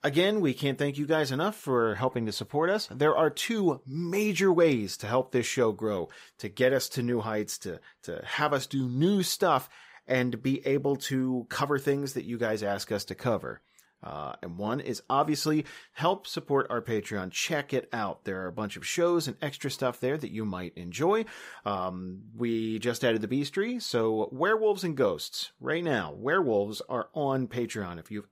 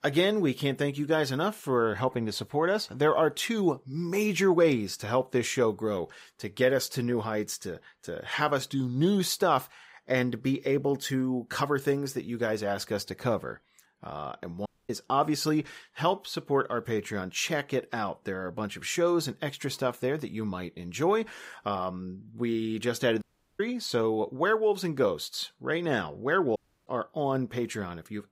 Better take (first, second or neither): first